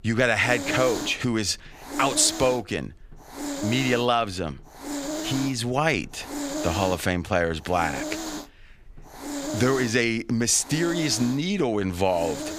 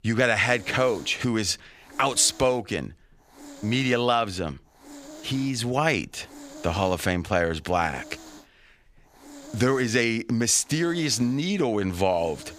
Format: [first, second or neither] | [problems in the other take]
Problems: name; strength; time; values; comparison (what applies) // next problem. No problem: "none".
second | hiss; loud; throughout; 9 dB below the speech; faint in the second